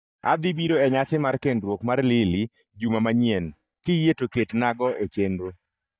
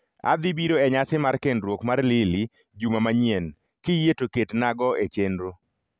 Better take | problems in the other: second | noise reduction (neural mask model DeepFilterNet 3)

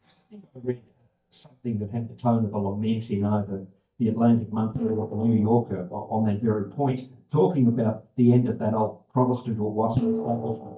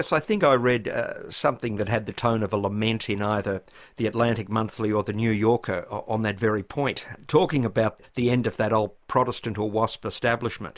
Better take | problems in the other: second | noise reduction (neural mask model DeepFilterNet 3)

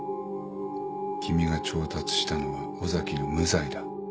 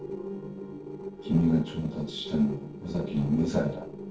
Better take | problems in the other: first | noise reduction (neural separator model SepFormer DNS4)

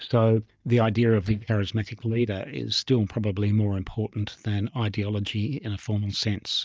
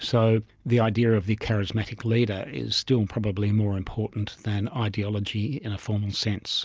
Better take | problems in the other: second | noise reduction (neural mask model DeepFilterNet 3)

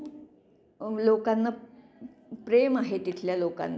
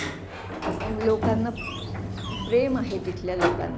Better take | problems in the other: first | background sound (Sliding door); 2 dB below the speech

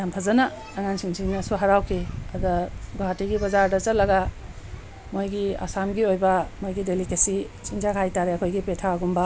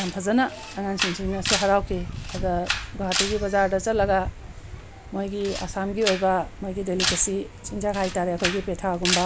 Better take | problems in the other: first | background sound (Camera); 7 dB below the speech

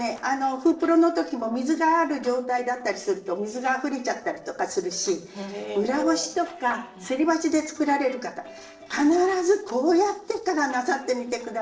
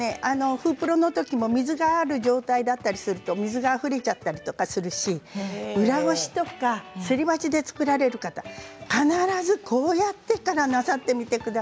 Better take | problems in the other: second | noise reduction (neural separator model SepFormer DNS4)

